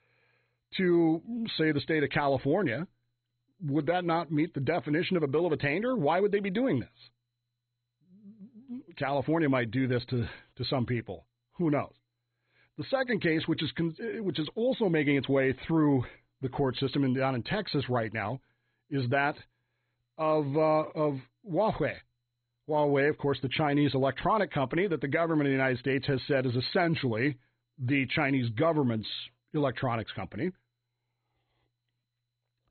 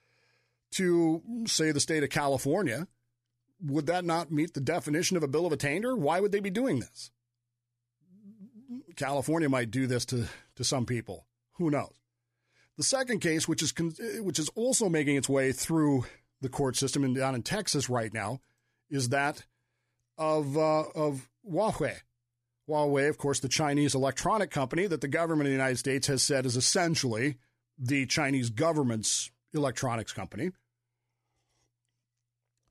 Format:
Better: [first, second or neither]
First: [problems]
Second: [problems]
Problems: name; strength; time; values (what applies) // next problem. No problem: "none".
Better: second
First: garbled, watery; badly; nothing above 4 kHz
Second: none